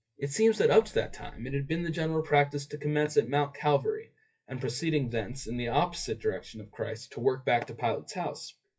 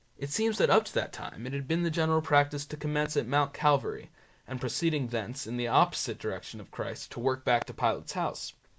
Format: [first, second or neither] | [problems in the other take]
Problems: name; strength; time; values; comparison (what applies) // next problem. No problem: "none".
second | noise reduction (classical method WPE with log-MMSE)